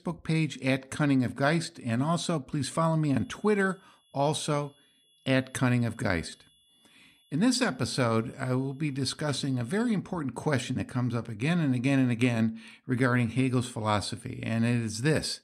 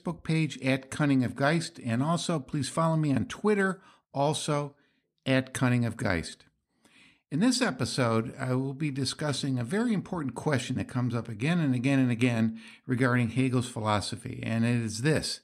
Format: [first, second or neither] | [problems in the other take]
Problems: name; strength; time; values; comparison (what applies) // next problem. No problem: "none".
second | high-pitched whine; faint; from 3 to 10 s; 3.5 kHz, 35 dB below the speech